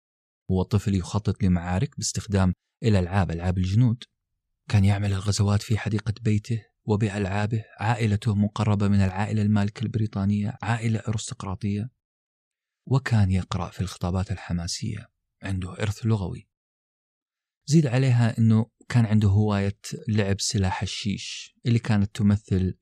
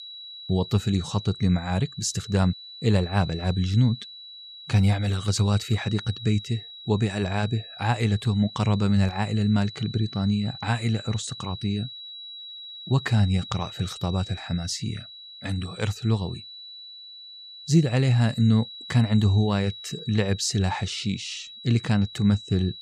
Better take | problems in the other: first | high-pitched whine; noticeable; throughout; 4 kHz, 15 dB below the speech

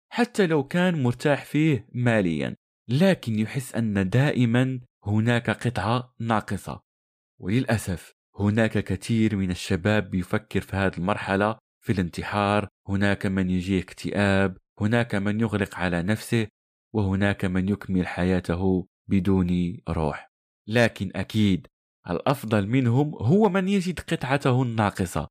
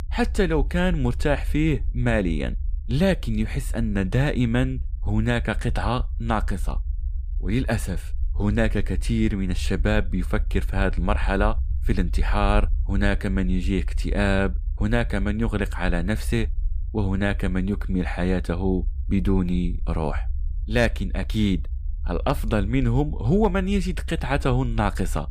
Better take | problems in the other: first | low rumble; faint; throughout; 25 dB below the speech

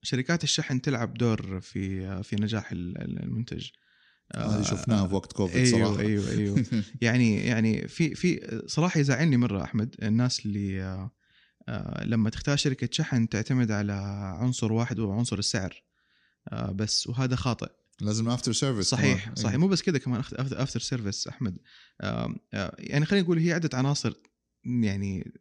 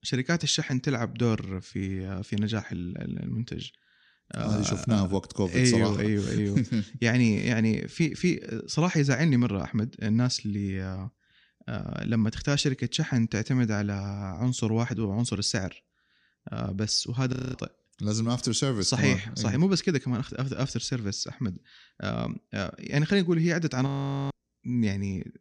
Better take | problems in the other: first | audio freezing; at 17 s and at 24 s

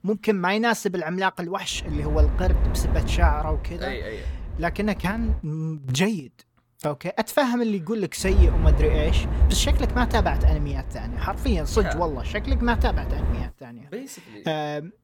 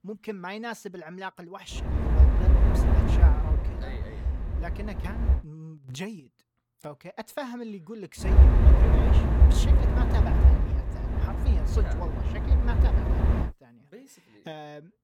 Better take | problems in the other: first | wind noise on the microphone; heavy; from 1.5 to 5.5 s and from 8 to 13 s; 3 dB above the speech; occasional gusts in the first

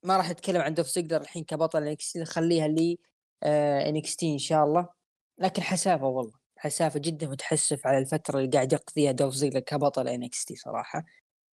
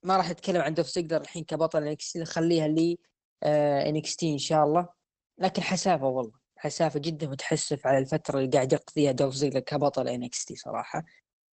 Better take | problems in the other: first | garbled, watery; badly; nothing above 8 kHz; slightly in the first

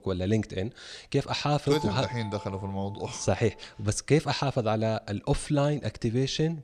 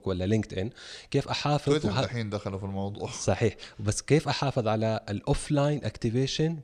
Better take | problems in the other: second | doorbell; noticeable; from 1.5 to 3.5 s; peak 9 dB below the speech

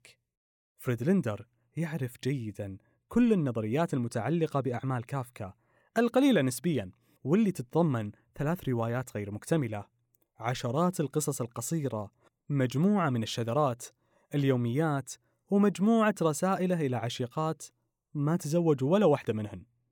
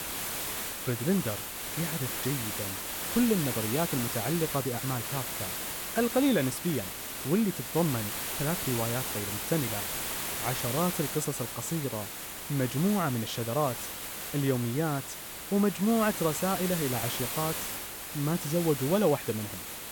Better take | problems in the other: first | hiss; loud; throughout; 3 dB below the speech

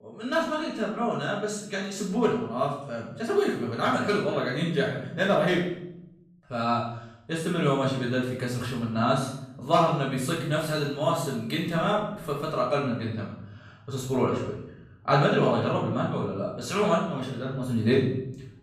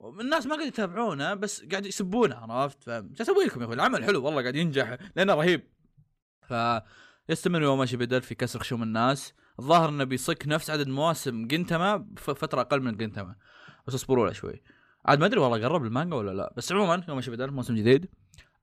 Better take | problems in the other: second | off-mic speech; far // room echo; noticeable; dies away in 0.7 s

